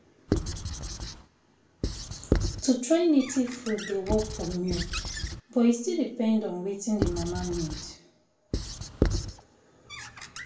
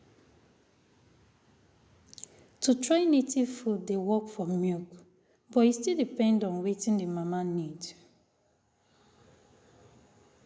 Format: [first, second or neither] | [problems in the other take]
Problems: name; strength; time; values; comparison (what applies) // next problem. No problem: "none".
second | background sound (Squeak / Writing); 4 dB below the speech // room echo; dies away in 0.3 s